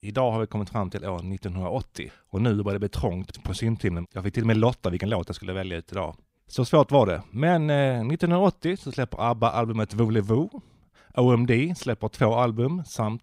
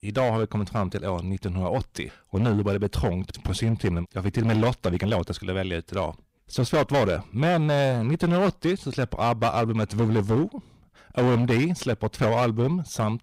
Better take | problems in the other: first | distortion; heavy; 10% of the sound clipped

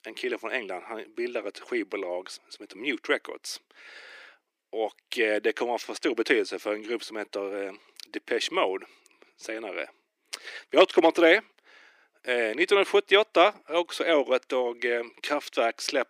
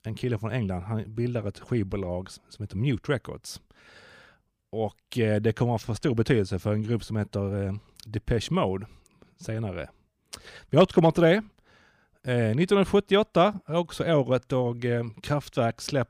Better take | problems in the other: second | thin; very; fading below 300 Hz

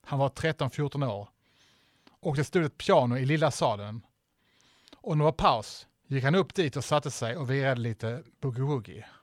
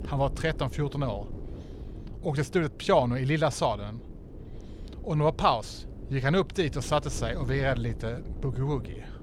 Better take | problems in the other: first | wind noise on the microphone; occasional gusts; 20 dB below the speech

